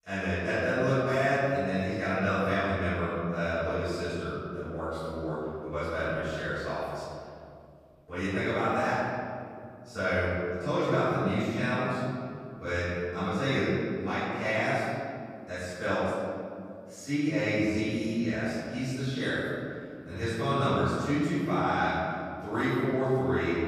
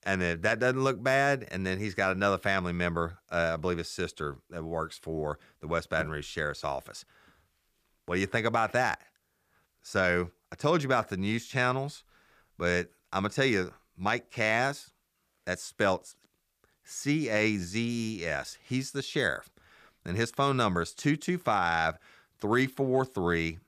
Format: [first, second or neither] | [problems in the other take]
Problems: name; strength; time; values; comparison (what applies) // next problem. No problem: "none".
second | off-mic speech; far // room echo; strong; dies away in 2.5 s